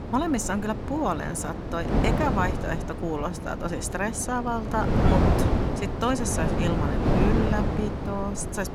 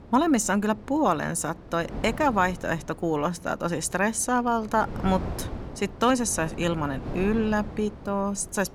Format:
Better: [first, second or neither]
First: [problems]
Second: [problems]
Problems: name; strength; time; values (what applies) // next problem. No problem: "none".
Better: second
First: wind noise on the microphone; heavy; 2 dB below the speech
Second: wind noise on the microphone; occasional gusts; 15 dB below the speech